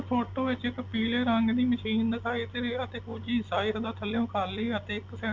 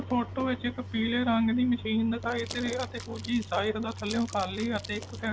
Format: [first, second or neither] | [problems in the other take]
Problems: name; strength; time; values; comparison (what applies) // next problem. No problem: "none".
first | background sound (Crumpling, crinkling + Fire / Fireworks); 17 dB below the speech